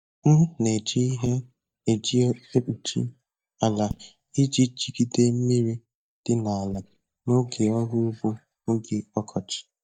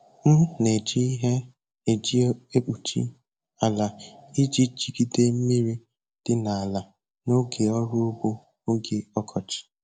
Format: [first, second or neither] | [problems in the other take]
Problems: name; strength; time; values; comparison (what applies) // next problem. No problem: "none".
second | noise reduction (neural mask model DeepFilterNet 3)